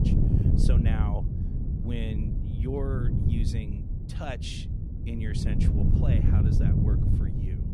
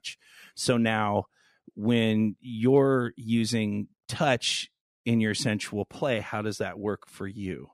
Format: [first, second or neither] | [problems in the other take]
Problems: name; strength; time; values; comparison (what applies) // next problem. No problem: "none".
second | wind noise on the microphone; heavy; 1 dB above the speech